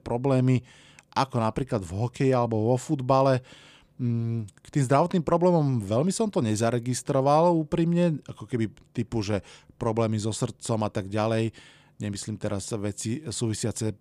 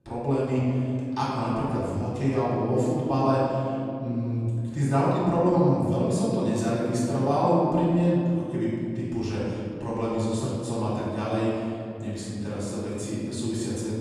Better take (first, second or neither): first